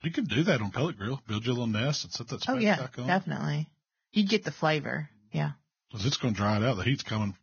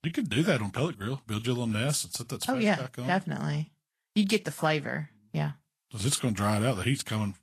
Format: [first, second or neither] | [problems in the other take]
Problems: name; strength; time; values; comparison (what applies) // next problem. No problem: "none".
second | garbled, watery; badly; nothing above 6.5 kHz; slightly in the second